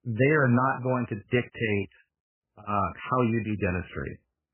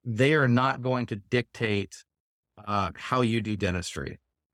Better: second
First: garbled, watery; badly; nothing above 3 kHz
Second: none

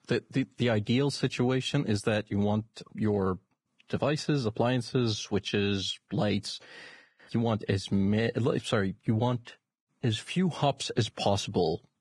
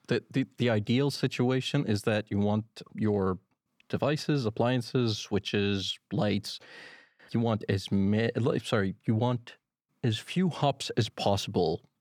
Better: second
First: garbled, watery; badly; nothing above 10 kHz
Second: none

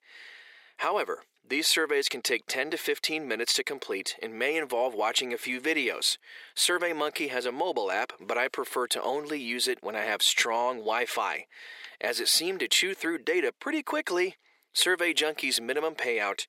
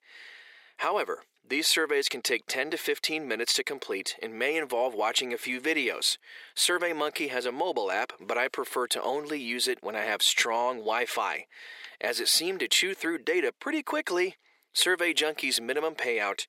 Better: neither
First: thin; somewhat; fading below 350 Hz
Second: thin; somewhat; fading below 350 Hz

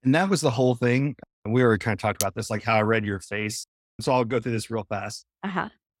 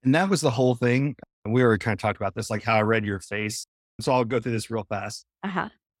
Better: second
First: clattering dishes; very faint; at 2 s; peak 6 dB below the speech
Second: none

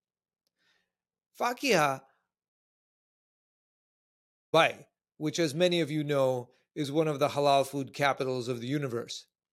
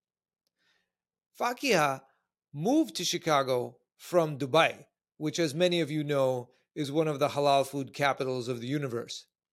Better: second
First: audio cutting out; at 2.5 s for 2 s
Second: none

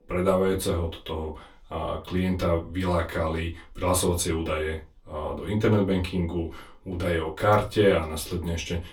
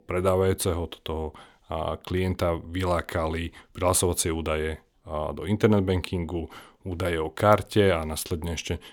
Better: second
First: off-mic speech; far // room echo; very slight; dies away in 0.2 s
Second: none

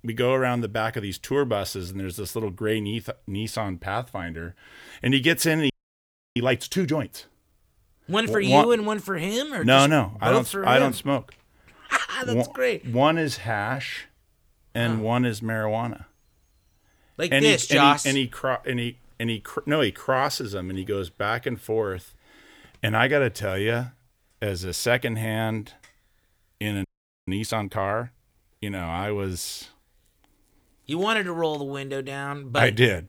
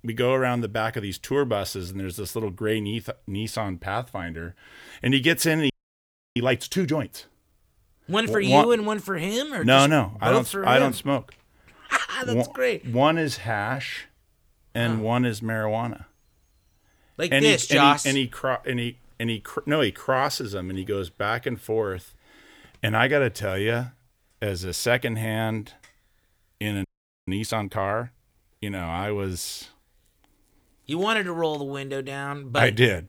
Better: neither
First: audio freezing; at 5.5 s for 0.5 s and at 27 s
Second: audio freezing; at 5.5 s for 0.5 s and at 27 s

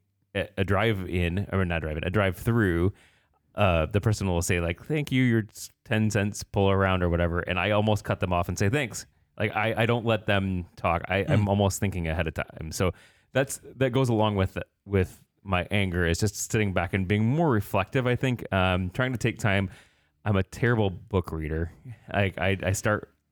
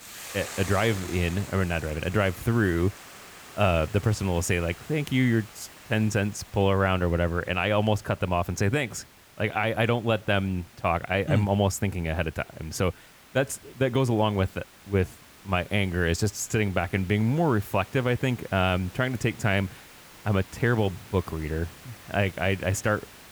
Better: first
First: none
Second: hiss; noticeable; throughout; 20 dB below the speech

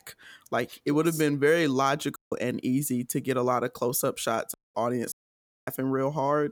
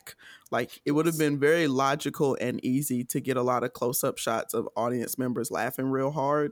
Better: second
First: audio cutting out; at 2 s, at 4.5 s and at 5 s for 0.5 s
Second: none

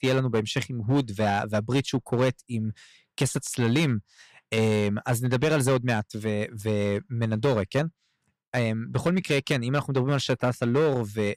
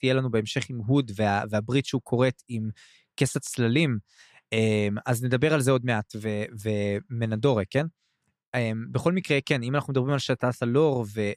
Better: second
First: distortion; slight; 7% of the sound clipped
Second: none

